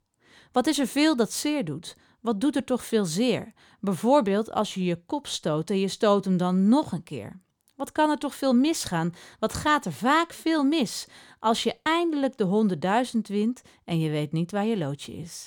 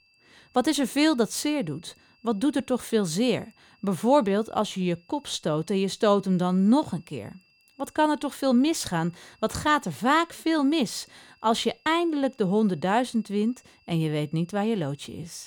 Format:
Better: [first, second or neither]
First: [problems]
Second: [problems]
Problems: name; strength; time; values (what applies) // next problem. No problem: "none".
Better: first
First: none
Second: high-pitched whine; faint; throughout; 2.5 kHz, 35 dB below the speech